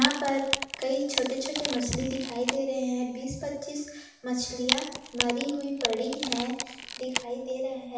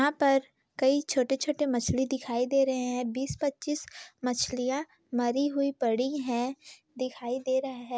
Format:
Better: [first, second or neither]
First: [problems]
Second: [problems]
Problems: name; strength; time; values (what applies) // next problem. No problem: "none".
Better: second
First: background sound (Wood); 3 dB below the speech // room echo; dies away in 0.9 s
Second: none